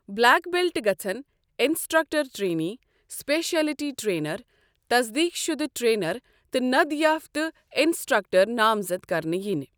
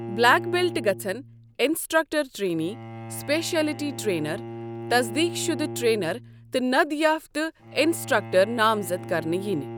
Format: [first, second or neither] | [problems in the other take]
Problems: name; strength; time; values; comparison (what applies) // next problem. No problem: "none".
first | background sound (Bowed string instrument); 12 dB below the speech